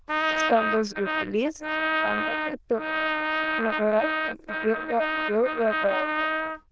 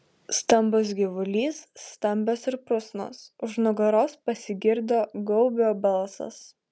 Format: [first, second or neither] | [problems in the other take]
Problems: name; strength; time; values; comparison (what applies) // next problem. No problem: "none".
second | noise reduction (neural diffusion model UNIVERSE++)